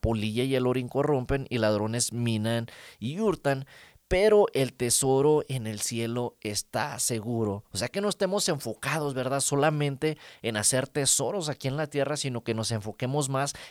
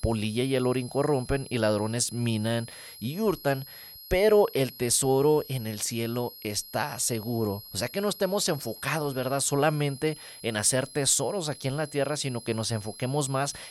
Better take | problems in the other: first | high-pitched whine; noticeable; throughout; 11.5 kHz, 15 dB below the speech

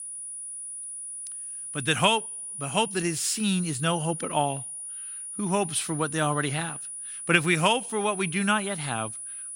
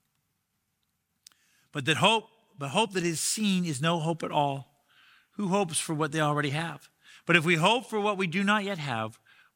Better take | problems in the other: second | high-pitched whine; loud; throughout; 9.5 kHz, 8 dB below the speech

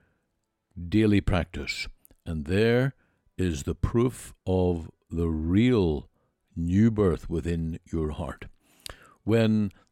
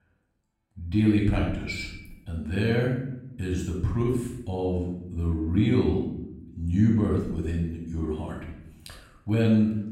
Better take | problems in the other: first | off-mic speech; far // room echo; noticeable; dies away in 0.7 s

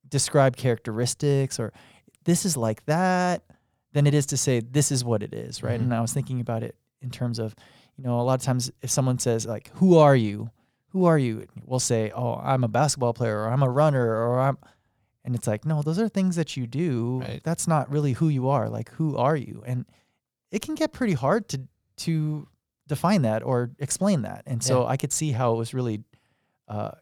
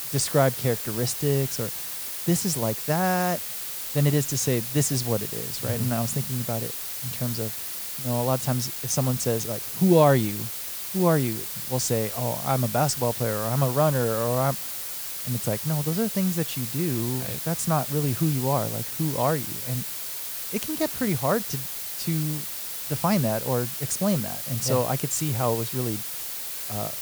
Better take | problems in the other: first | hiss; loud; throughout; 2 dB below the speech

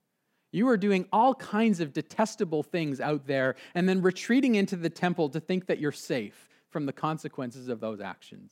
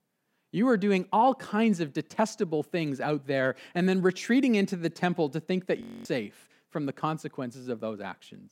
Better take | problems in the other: first | audio freezing; at 6 s

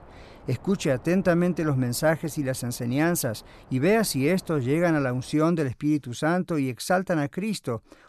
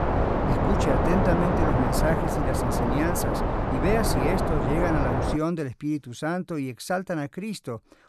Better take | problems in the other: first | wind noise on the microphone; heavy; until 5.5 s; 4 dB above the speech; occasional gusts in the first

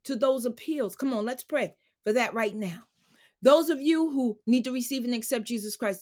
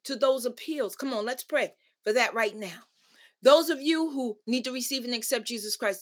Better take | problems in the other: first | thin; very slightly; fading below 350 Hz

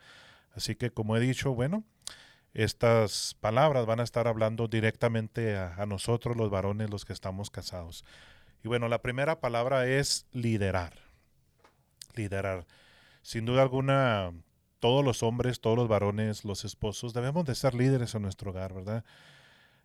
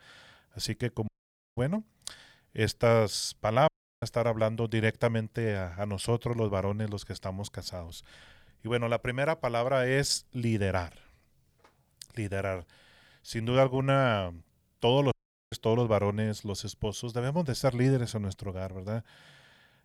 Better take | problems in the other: first | audio cutting out; at 1 s, at 3.5 s and at 15 s

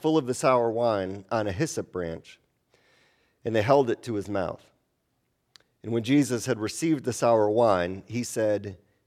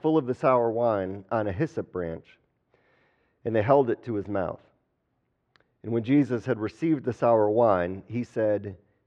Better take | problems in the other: first | muffled; very; fading above 2 kHz

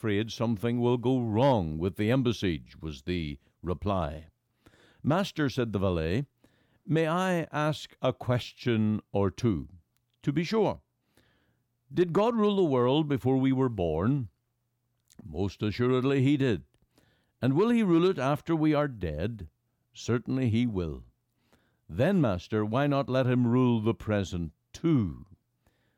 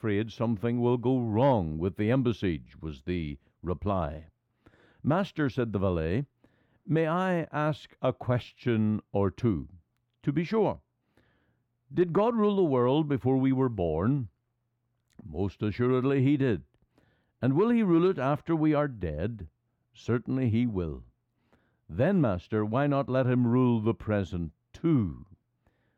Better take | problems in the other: first | muffled; slightly; fading above 3.5 kHz

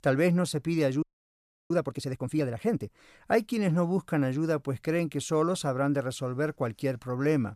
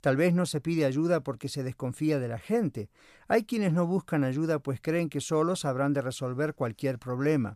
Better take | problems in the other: second | audio freezing; at 1 s for 0.5 s

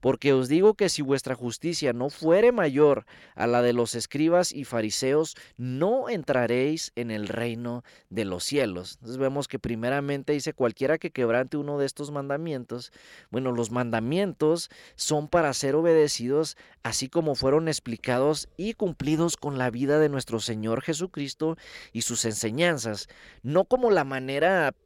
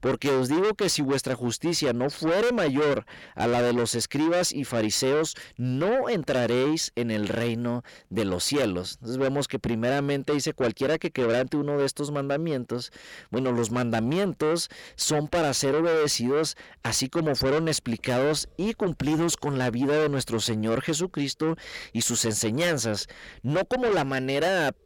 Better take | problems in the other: first | distortion; heavy; 6 dB below the speech

